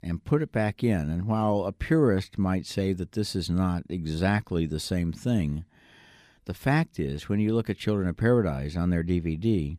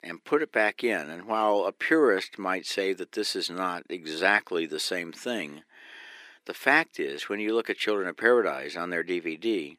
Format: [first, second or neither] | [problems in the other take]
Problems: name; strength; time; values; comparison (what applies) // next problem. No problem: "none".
first | thin; very; fading below 350 Hz